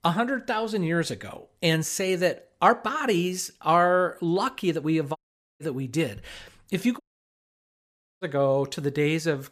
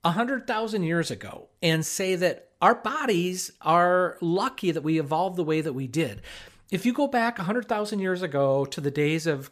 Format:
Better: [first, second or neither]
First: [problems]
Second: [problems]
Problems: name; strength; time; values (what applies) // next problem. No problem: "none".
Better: second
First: audio cutting out; at 5 s and at 7 s for 1 s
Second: none